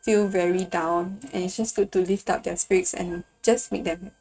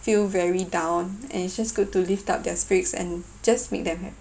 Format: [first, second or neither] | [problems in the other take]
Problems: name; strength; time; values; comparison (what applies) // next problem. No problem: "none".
second | noise reduction (neural mask model RNNoise)